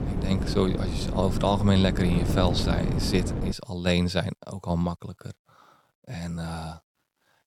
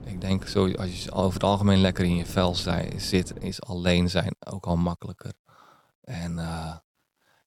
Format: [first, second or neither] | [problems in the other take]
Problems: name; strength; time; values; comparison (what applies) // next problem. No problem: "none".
second | wind noise on the microphone; heavy; until 3.5 s; 6 dB below the speech; occasional gusts in the second